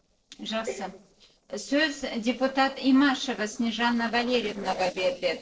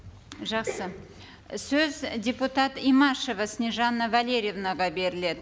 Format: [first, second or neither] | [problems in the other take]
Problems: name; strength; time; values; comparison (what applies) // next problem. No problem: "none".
second | noise reduction (neural separator model SepFormer DNS4)